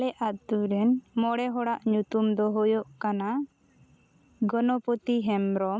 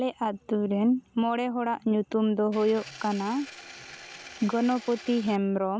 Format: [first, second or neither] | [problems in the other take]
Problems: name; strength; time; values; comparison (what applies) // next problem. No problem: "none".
first | background sound (Engine); 17 dB below the speech